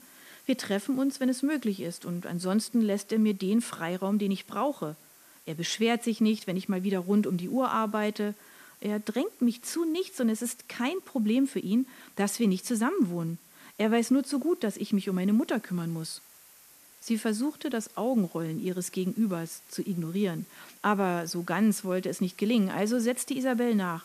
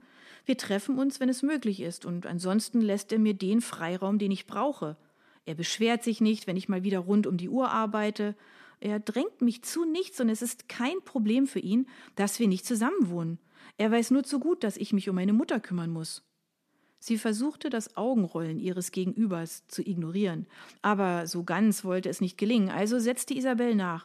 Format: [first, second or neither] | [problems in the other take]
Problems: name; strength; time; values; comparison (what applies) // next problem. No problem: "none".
second | hiss; faint; throughout; 25 dB below the speech